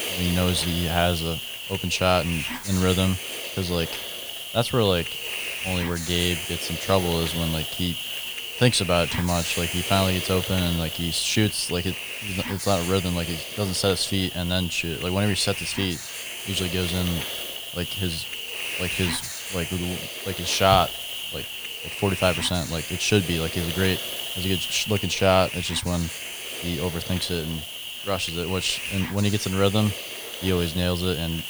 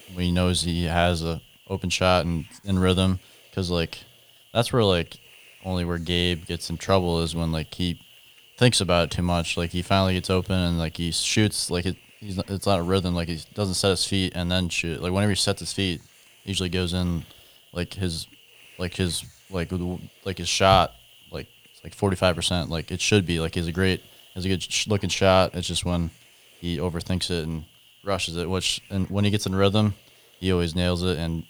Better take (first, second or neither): second